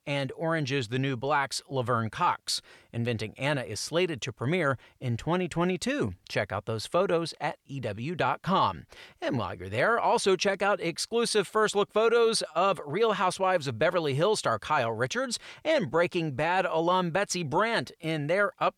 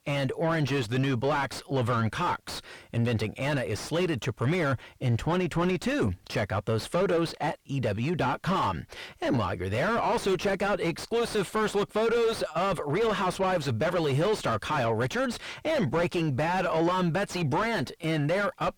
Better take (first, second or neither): first